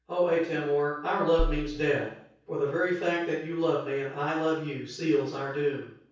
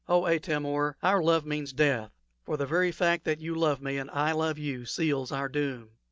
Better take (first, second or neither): second